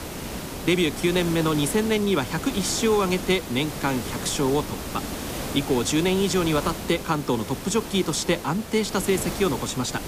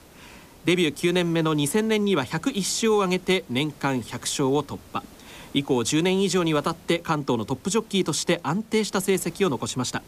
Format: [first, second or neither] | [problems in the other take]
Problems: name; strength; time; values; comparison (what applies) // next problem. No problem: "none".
second | hiss; loud; throughout; 8 dB below the speech; faint in the second